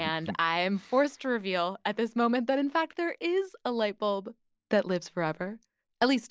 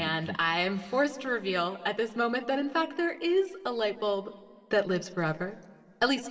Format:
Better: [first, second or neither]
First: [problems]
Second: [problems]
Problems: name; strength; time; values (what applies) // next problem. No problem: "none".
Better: first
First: none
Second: room echo; dies away in 1.8 s